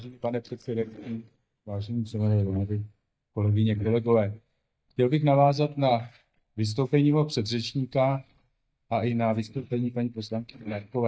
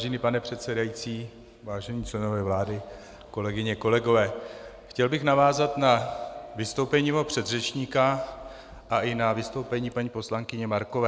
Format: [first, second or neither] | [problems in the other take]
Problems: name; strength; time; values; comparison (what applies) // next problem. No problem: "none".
second | noise reduction (neural mask model DeepFilterNet 3)